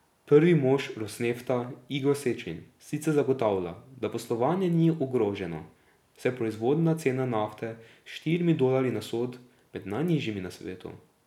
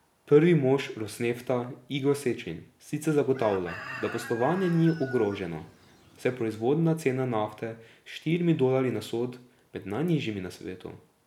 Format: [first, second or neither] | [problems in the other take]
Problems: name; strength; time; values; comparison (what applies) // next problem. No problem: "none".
first | background sound (Chicken, rooster); 15 dB below the speech